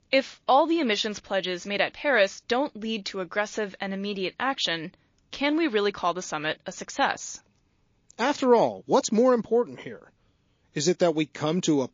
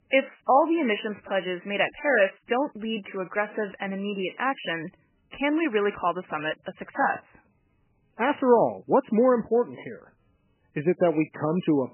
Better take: first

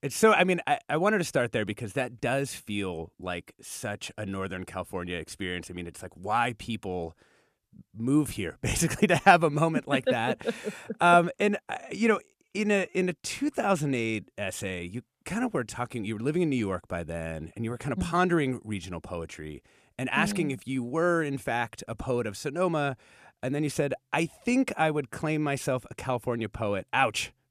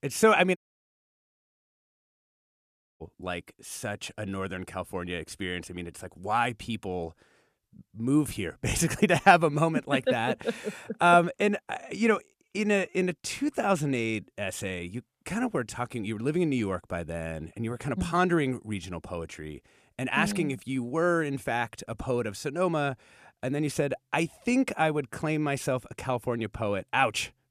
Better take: first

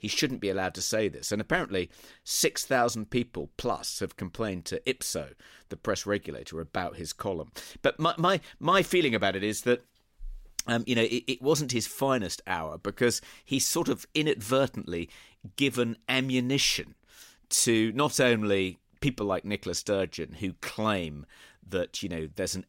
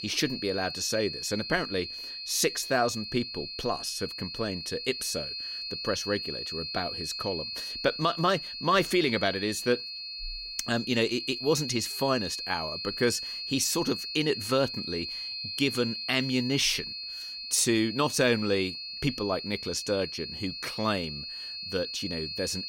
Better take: first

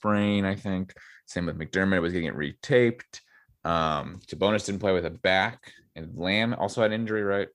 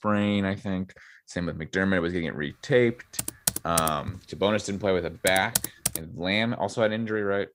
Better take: first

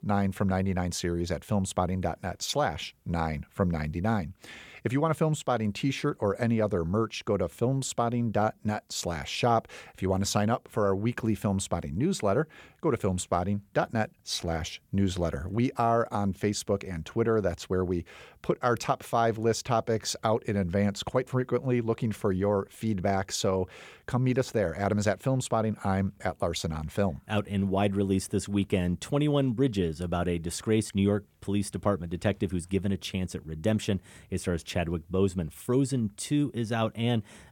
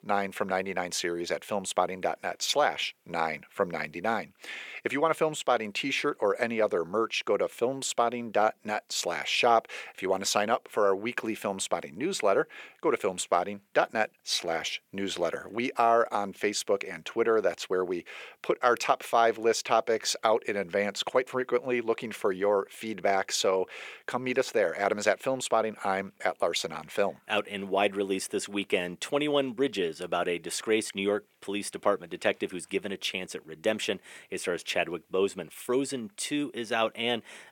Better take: first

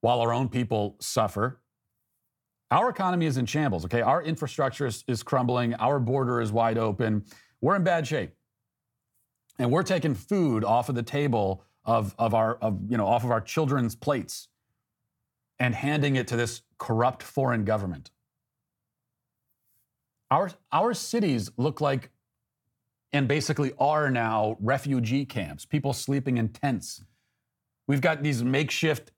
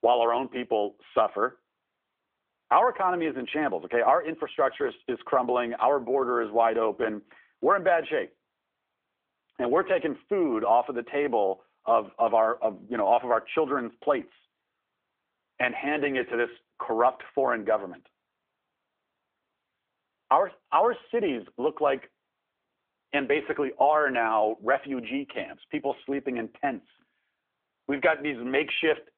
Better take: first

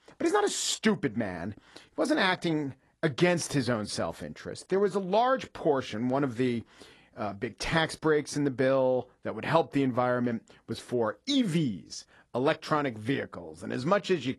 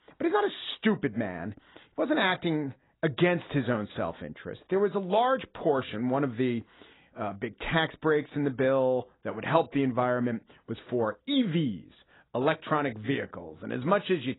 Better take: first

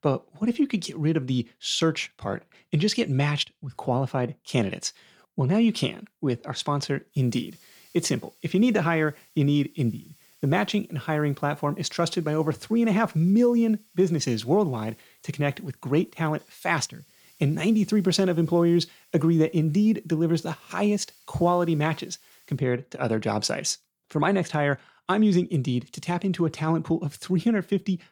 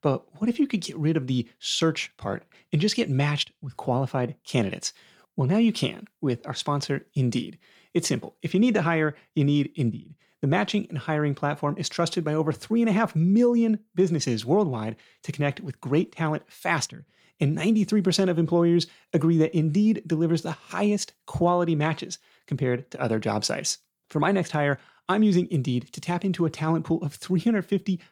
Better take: second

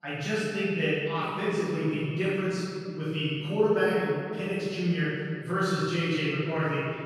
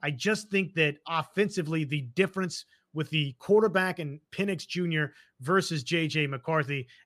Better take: second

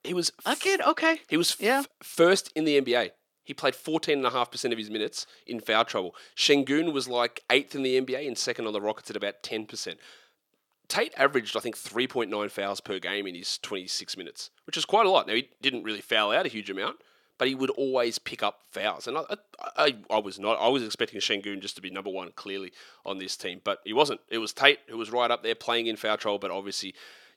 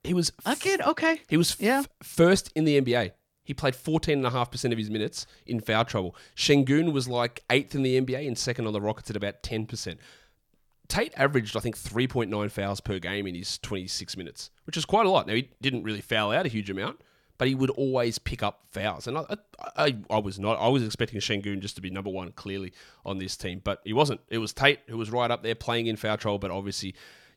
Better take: second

